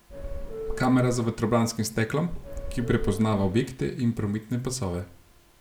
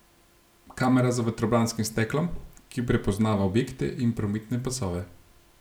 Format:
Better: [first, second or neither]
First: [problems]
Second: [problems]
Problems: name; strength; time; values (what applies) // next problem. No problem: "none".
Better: second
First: background sound (Subway, metro, underground / Doorbell); 8 dB below the speech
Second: none